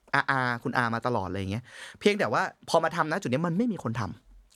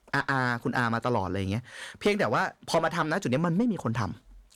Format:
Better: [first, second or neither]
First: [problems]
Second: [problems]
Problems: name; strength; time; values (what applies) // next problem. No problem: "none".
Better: first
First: none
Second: distortion; slight; 10 dB below the speech